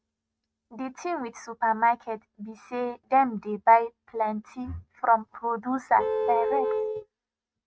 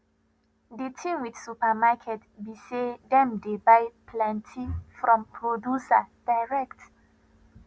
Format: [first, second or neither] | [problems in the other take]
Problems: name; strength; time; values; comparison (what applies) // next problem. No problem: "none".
second | noise reduction (neural mask model RNNoise)